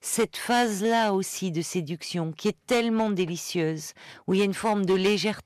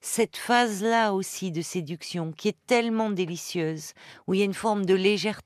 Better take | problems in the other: second | distortion; slight; 6% of the sound clipped

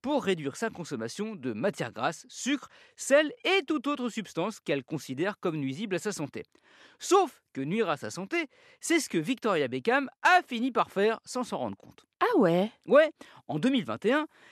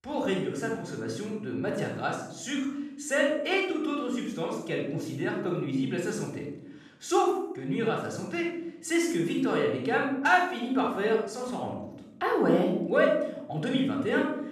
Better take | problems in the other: first | off-mic speech; far // room echo; noticeable; dies away in 0.8 s

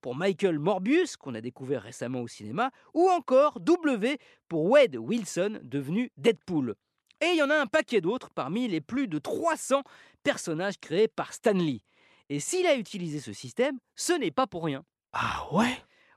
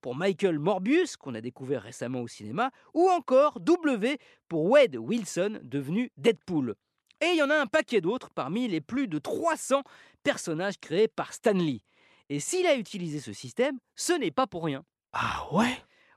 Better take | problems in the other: neither | none

